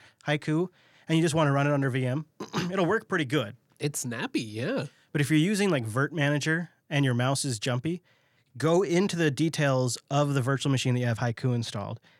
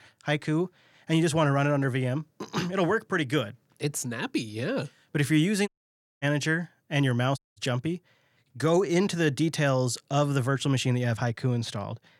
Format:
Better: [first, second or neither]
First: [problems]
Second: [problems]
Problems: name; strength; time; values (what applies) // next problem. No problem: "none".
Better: first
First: none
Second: audio cutting out; at 5.5 s for 0.5 s and at 7.5 s